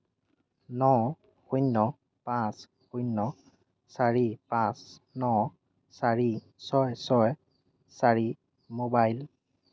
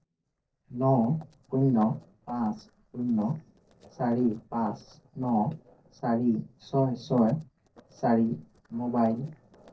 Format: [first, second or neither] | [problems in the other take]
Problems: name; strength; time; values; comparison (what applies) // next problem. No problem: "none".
first | noise reduction (neural separator model SepFormer DNS4)